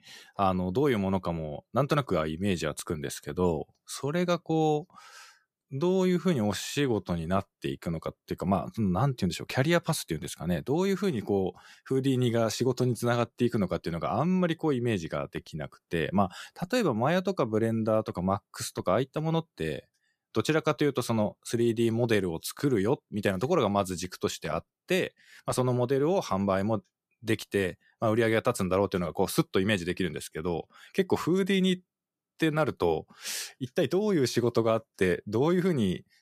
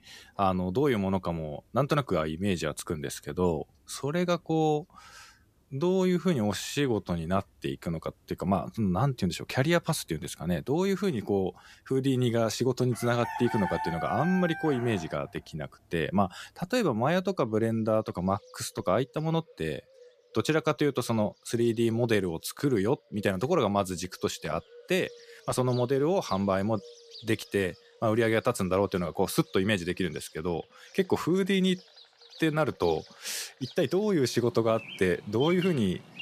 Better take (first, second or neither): first